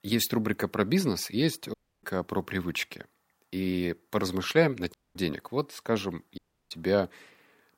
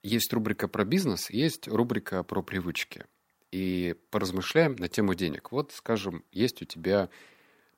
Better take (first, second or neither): second